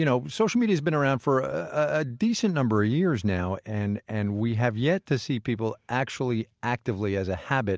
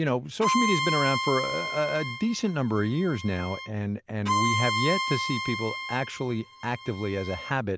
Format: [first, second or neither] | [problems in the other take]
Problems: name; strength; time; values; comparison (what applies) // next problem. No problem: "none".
first | background sound (Bowed string instrument); 3 dB below the speech